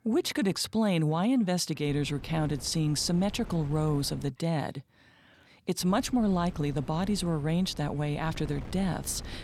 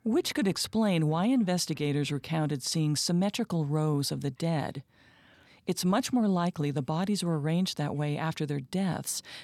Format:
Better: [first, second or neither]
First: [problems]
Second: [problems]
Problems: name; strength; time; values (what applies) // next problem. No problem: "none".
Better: second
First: wind noise on the microphone; occasional gusts; from 2 to 4.5 s and from 6 s on; 20 dB below the speech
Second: none